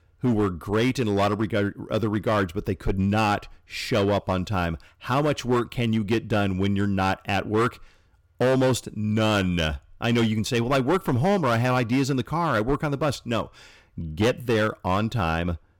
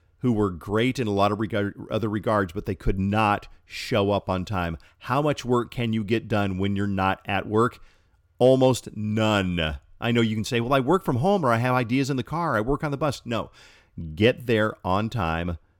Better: second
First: distortion; slight; 8% of the sound clipped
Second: none

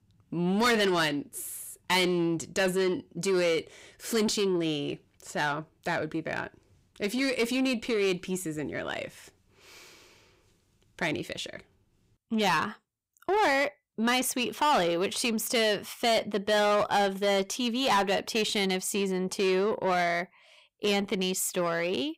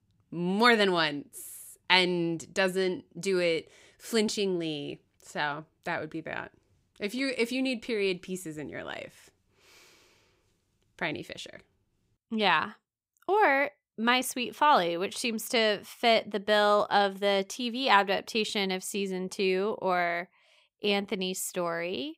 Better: second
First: distortion; heavy; 8 dB below the speech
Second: none

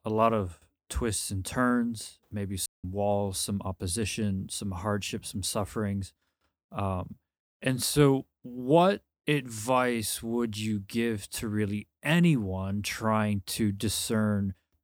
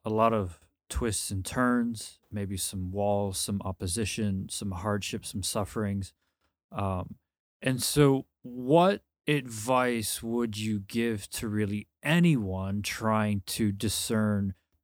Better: second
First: audio cutting out; at 2.5 s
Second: none

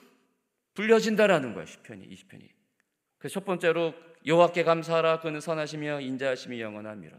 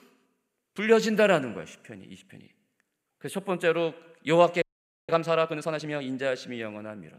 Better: first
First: none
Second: audio freezing; at 4.5 s

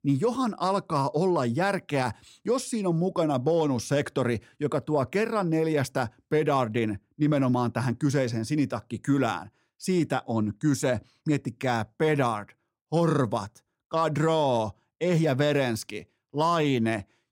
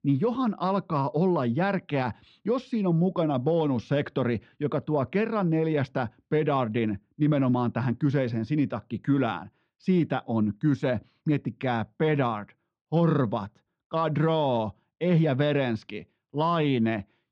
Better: first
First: none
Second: muffled; slightly; fading above 3.5 kHz

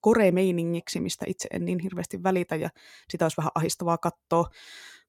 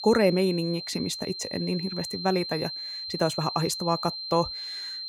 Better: first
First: none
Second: high-pitched whine; loud; throughout; 4 kHz, 6 dB below the speech

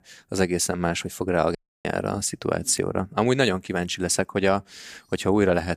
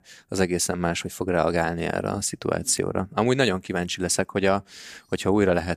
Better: second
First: audio cutting out; at 1.5 s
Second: none

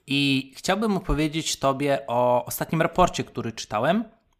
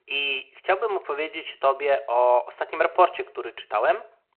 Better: first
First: none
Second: phone-call audio

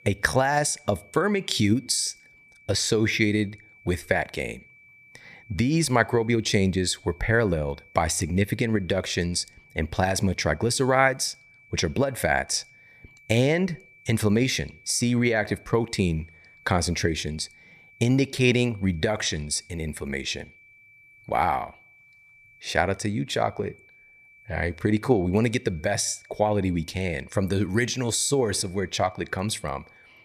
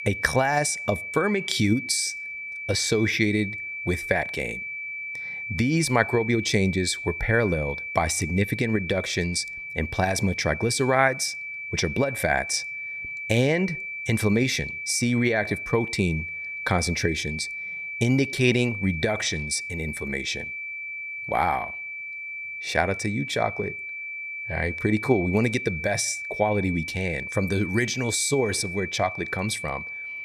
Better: first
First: high-pitched whine; faint; throughout; 2.5 kHz, 25 dB below the speech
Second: high-pitched whine; loud; throughout; 2.5 kHz, 6 dB below the speech

